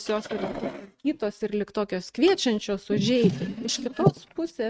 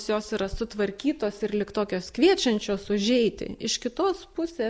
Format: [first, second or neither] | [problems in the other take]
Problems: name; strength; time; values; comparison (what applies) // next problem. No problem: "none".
second | noise reduction (neural mask model RNNoise)